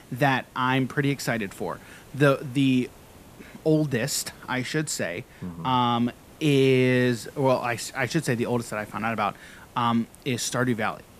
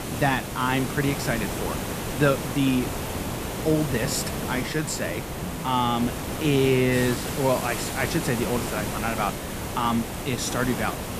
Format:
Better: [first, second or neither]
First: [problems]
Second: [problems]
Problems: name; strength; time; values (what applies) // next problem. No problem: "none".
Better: first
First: hiss; faint; throughout; 25 dB below the speech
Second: hiss; loud; throughout; 4 dB below the speech